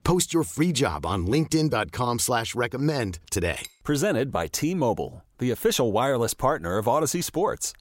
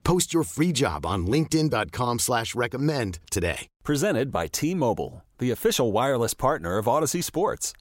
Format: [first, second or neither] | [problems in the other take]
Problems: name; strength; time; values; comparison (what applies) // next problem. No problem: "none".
second | clattering dishes; very faint; at 3.5 s; peak 20 dB below the speech